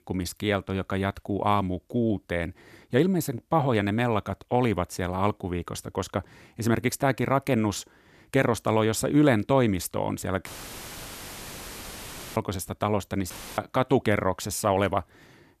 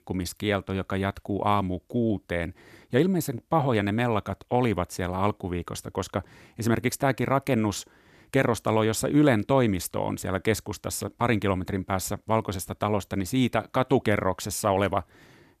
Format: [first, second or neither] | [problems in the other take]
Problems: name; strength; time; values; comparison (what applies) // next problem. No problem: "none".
second | audio cutting out; filled with static; at 10 s for 2 s and at 13 s